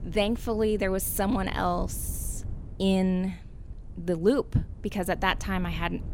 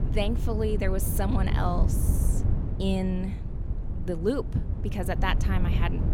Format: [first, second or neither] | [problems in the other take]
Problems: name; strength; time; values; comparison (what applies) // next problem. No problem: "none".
first | low rumble; loud; throughout; 9 dB below the speech; faint in the first